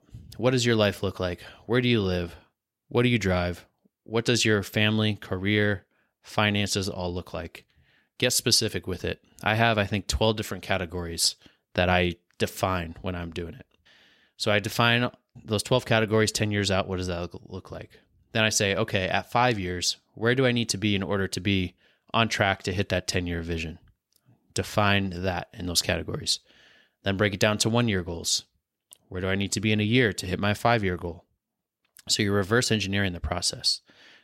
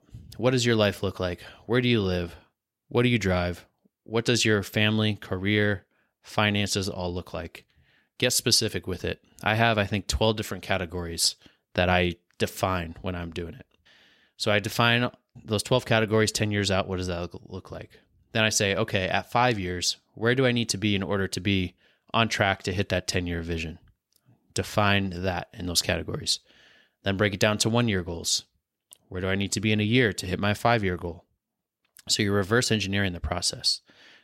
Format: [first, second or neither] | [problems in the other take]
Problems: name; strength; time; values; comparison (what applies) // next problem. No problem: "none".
neither | none